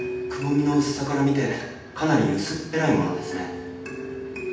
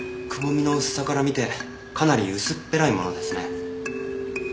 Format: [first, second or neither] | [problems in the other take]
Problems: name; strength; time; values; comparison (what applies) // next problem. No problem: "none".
second | room echo; dies away in 0.8 s